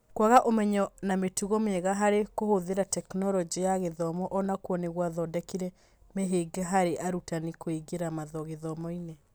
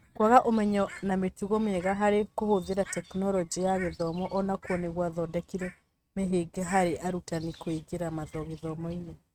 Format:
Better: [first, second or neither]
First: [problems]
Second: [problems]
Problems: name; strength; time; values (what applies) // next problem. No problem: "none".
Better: first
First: none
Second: noise reduction (neural mask model RNNoise)